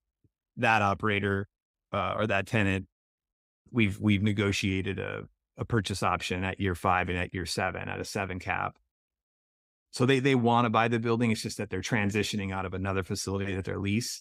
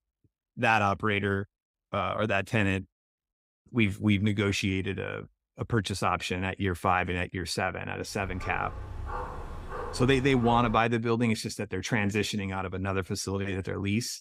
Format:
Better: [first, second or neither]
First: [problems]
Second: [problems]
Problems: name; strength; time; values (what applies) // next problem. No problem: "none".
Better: first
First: none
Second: dog barking; noticeable; from 8 to 11 s; peak 9 dB below the speech